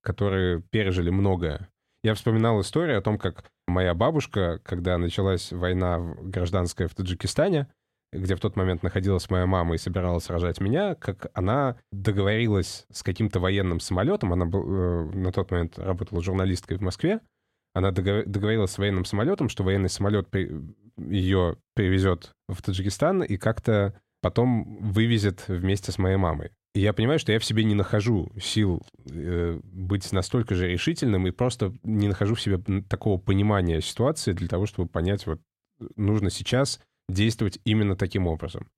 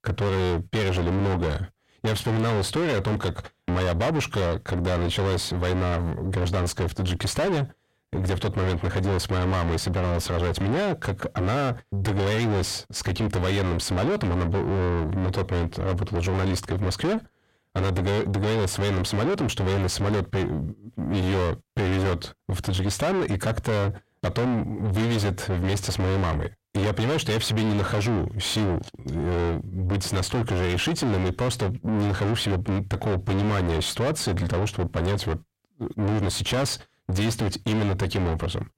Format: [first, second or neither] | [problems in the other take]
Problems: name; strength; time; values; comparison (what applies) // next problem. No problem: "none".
first | distortion; heavy; 5 dB below the speech